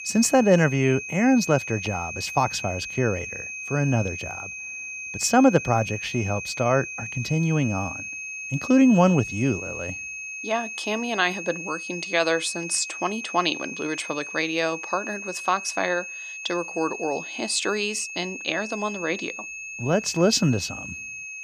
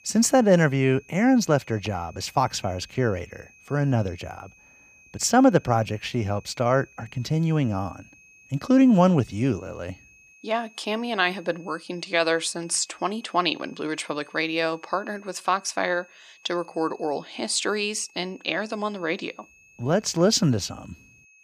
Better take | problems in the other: second | high-pitched whine; loud; throughout; 2.5 kHz, 8 dB below the speech; faint in the second

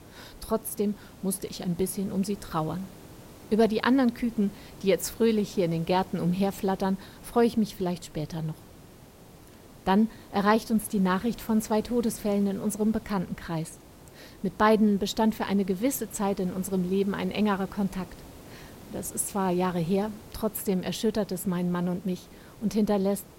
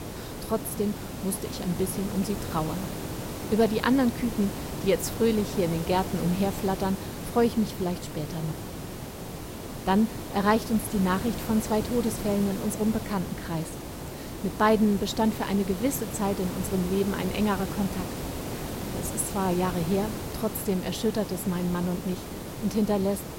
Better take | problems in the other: first | hiss; loud; throughout; 8 dB below the speech; faint in the first

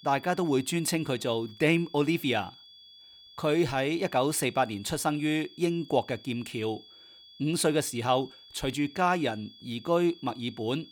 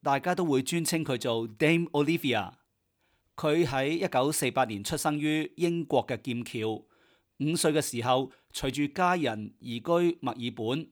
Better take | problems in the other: second | high-pitched whine; faint; throughout; 3.5 kHz, 20 dB below the speech

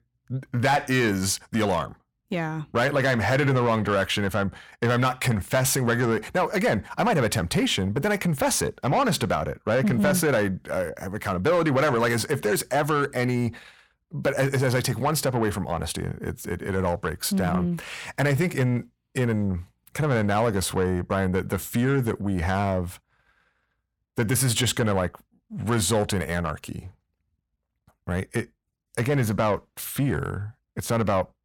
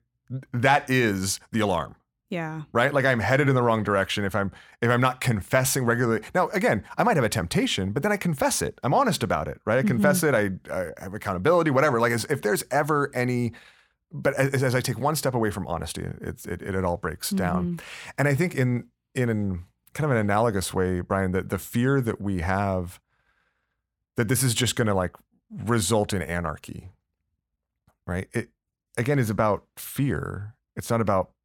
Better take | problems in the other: second | distortion; slight; 10 dB below the speech

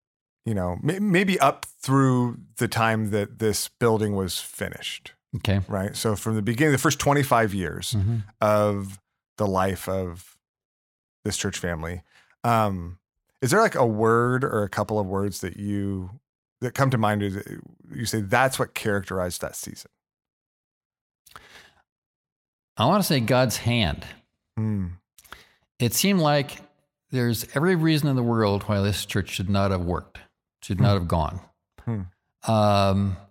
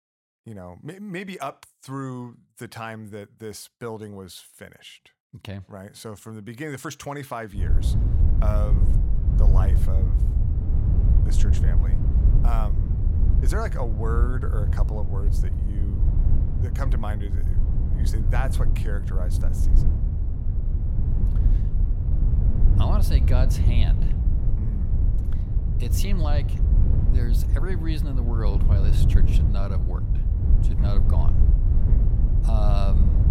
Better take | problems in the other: first | low rumble; loud; from 7.5 s on; 3 dB below the speech

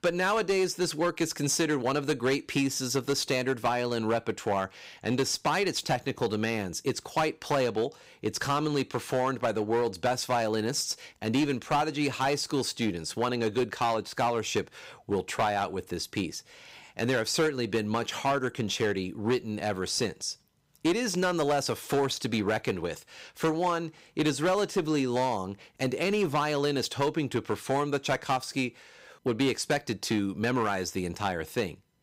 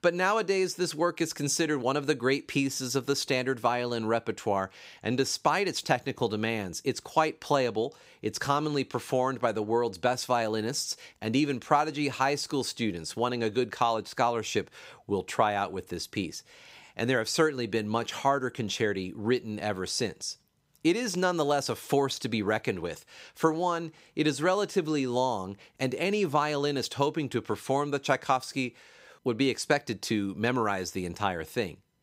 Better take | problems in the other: second | distortion; slight; 6% of the sound clipped

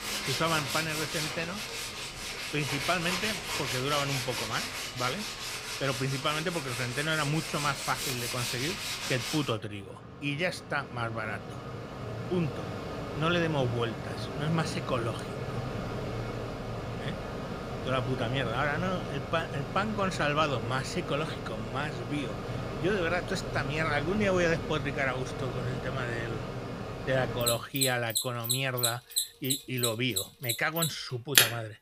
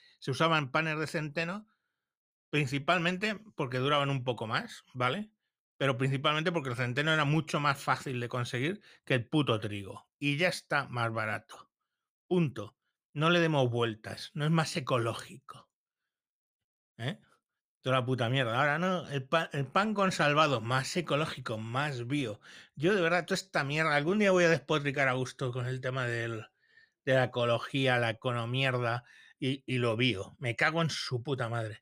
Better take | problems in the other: second | machinery noise; loud; throughout; 1 dB below the speech

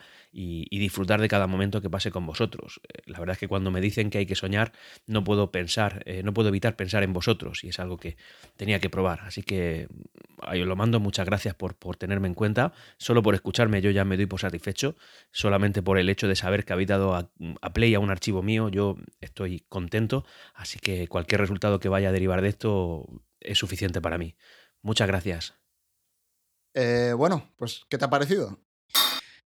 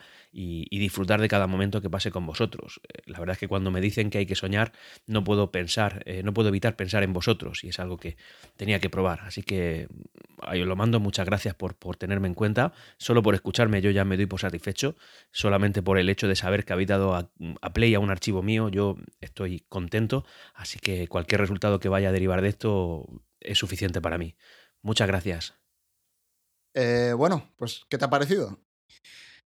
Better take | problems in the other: second | clattering dishes; loud; at 29 s; peak 5 dB above the speech

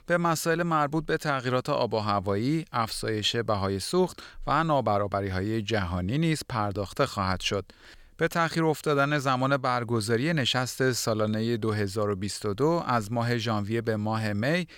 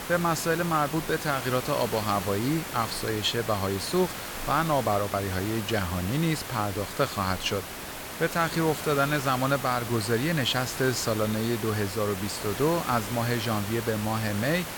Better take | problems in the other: first | hiss; loud; throughout; 7 dB below the speech

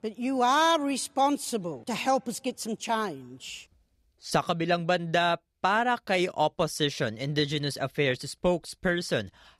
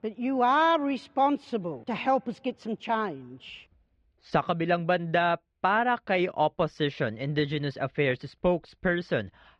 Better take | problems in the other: first | muffled; slightly; fading above 3 kHz

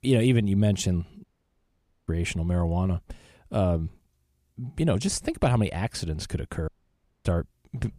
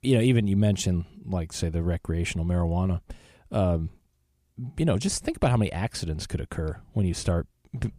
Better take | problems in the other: second | audio cutting out; at 1 s for 1 s and at 6.5 s for 0.5 s

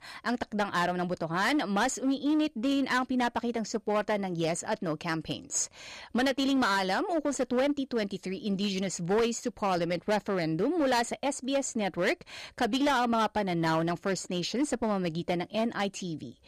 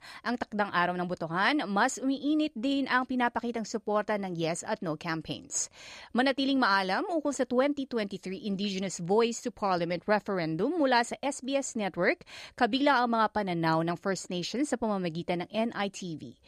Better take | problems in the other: second | distortion; slight; 8% of the sound clipped

